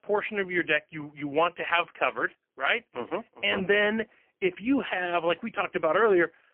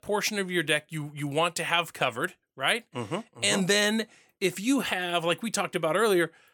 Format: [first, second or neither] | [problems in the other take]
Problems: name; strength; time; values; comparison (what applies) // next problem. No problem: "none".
second | phone-call audio; poor line; nothing above 3 kHz